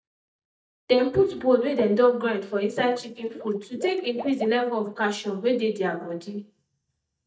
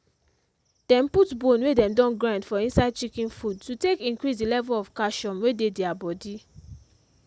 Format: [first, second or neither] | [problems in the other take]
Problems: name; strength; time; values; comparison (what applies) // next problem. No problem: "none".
second | noise reduction (neural mask model DeepFilterNet 3)